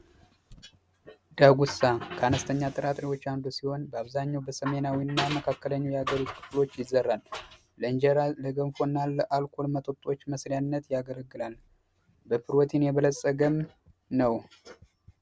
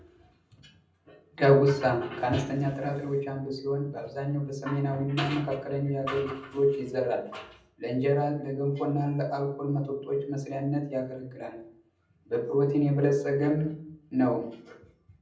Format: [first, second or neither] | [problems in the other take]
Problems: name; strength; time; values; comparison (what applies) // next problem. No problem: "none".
first | room echo; dies away in 0.6 s